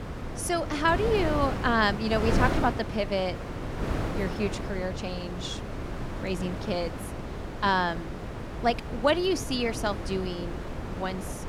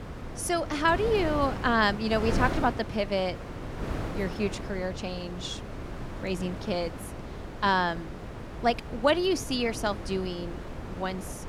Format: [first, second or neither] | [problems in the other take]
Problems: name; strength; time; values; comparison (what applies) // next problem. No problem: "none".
second | wind noise on the microphone; heavy; 9 dB below the speech; occasional gusts in the second